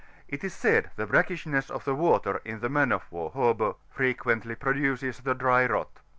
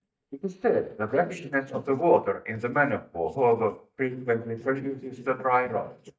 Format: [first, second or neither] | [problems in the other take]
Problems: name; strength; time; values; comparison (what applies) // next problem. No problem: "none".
first | noise reduction (neural mask model DeepFilterNet 3)